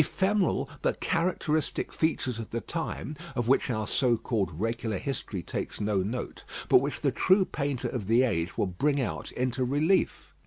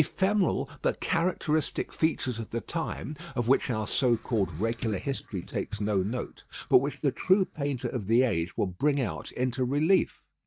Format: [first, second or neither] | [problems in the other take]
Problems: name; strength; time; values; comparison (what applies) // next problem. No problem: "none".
first | noise reduction (neural mask model DeepFilterNet 3)